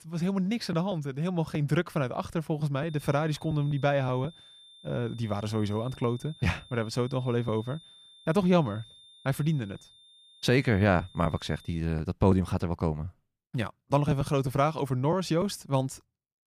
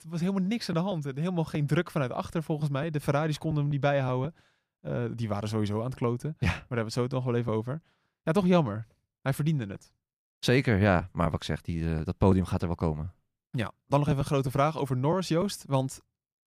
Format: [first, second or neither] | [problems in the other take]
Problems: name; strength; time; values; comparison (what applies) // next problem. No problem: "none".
second | high-pitched whine; faint; from 3 to 12 s; 3.5 kHz, 25 dB below the speech